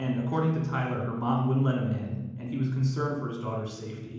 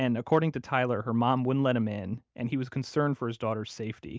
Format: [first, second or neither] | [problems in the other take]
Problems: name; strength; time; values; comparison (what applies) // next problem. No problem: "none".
second | room echo; dies away in 1 s